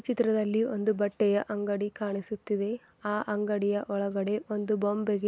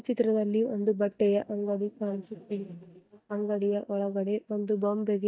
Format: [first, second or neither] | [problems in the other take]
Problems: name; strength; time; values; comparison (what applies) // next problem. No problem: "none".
first | noise reduction (neural mask model DeepFilterNet 3)